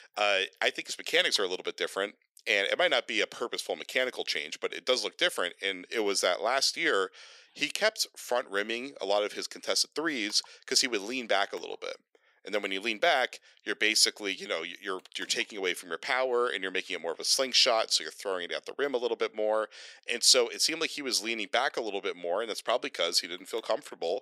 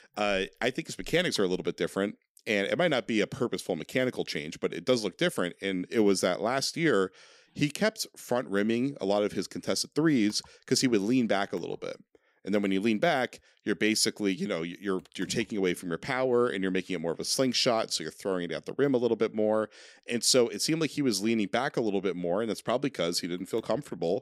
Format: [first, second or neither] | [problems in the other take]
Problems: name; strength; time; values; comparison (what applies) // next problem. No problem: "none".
second | thin; somewhat; fading below 600 Hz